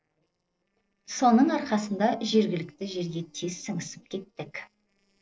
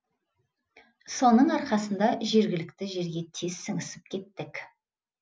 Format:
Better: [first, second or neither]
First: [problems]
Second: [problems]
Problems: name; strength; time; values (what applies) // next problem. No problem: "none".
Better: second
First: noise reduction (neural separator model SepFormer DNS4)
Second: none